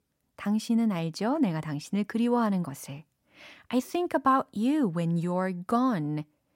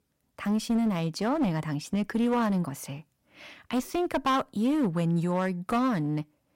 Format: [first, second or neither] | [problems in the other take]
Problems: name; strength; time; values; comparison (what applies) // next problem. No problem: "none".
first | distortion; slight; 14% of the sound clipped